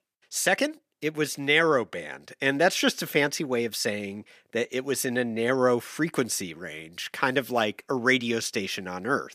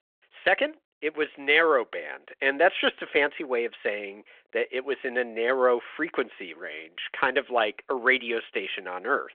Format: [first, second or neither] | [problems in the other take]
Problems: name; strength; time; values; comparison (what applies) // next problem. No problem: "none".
first | phone-call audio